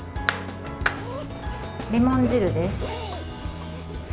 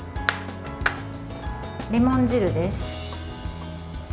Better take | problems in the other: second | background sound (Zipper (clothing)); 13 dB below the speech

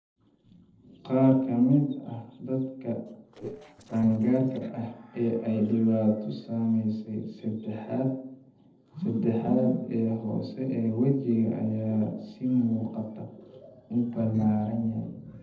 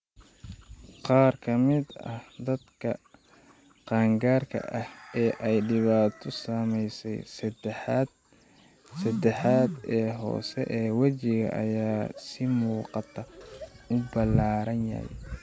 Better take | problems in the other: second | noise reduction (neural separator model SepFormer DNS4)

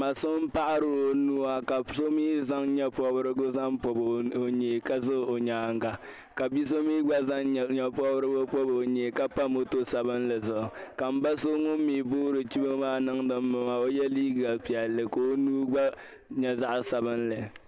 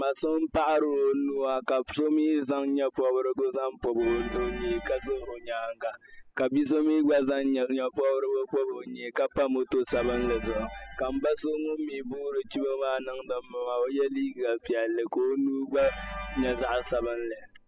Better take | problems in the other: first | noise reduction (classical method spectral subtraction)

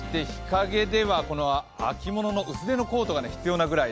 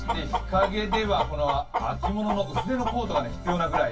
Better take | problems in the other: first | background sound (Chicken, rooster); 5 dB below the speech // room echo; dies away in 0.1 s

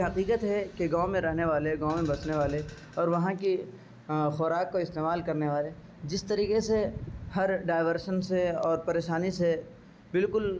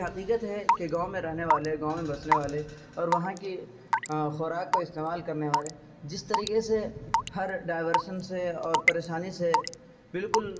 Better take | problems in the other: first | background sound (Raindrop / Drip / Water tap, faucet); 1 dB below the speech // room echo; dies away in 1.3 s

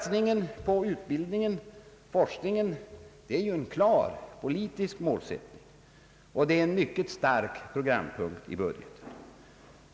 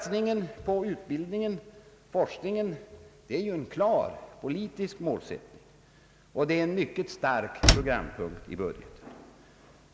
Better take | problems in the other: first | background sound (Slam); 4 dB above the speech

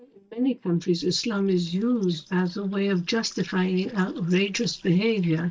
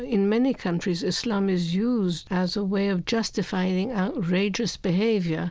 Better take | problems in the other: second | noise reduction (neural mask model DeepFilterNet 3)

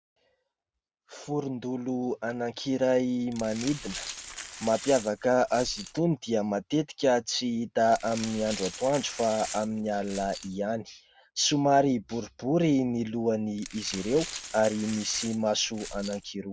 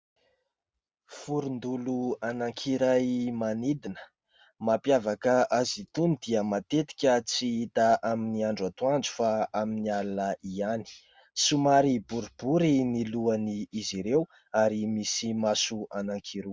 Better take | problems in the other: second | background sound (Glass); 13 dB below the speech

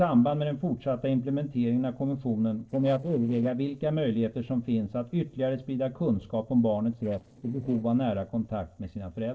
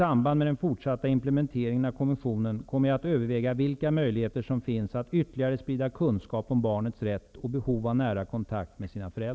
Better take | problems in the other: second | noise reduction (neural separator model SepFormer DNS4)

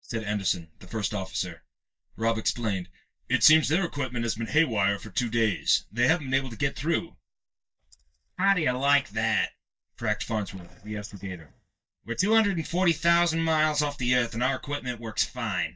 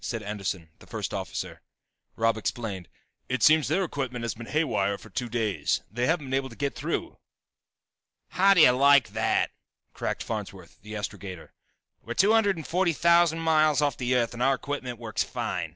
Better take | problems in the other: second | noise reduction (neural mask model DeepFilterNet 3)

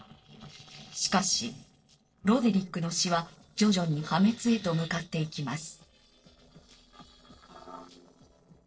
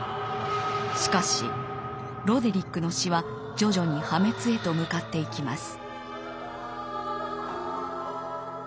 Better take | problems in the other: second | noise reduction (neural separator model SepFormer DNS4)

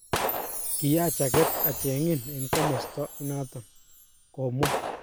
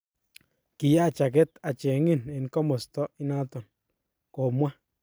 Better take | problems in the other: second | background sound (Gunshot, gunfire + Chime); 2 dB below the speech

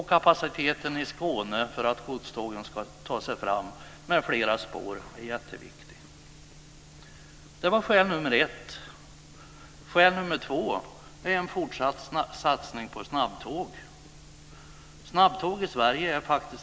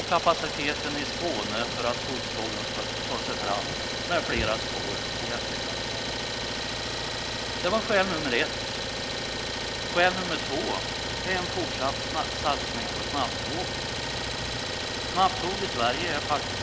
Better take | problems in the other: first | background sound (Idling); as loud as the speech

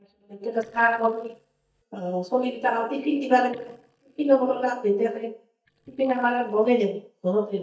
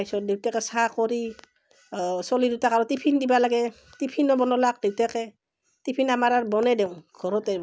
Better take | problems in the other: second | noise reduction (neural mask model DeepFilterNet 3)

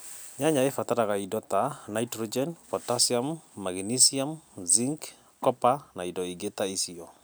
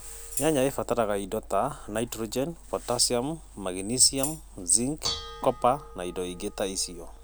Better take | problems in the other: first | background sound (Tambourine + Dishes, pots, and pans / Bell); 12 dB below the speech

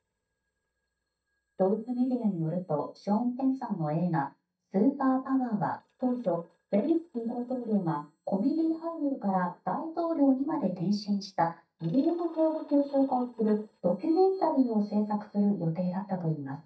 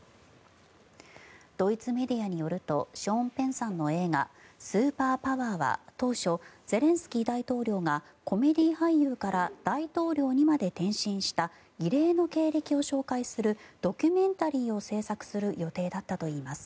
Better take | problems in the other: second | noise reduction (neural mask model DeepFilterNet 3)

